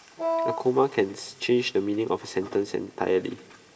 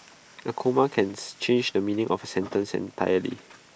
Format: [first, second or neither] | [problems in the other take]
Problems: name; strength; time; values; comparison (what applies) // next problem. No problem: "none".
second | background sound (Wind instrument, woodwind instrument); 2 dB below the speech // room echo; dies away in 2.3 s